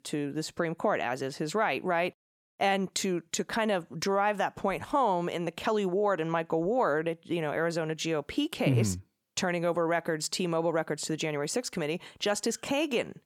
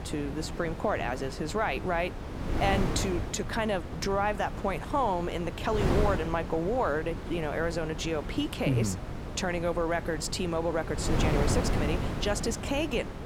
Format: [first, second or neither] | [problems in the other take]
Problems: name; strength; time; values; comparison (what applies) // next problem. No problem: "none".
first | wind noise on the microphone; heavy; 8 dB below the speech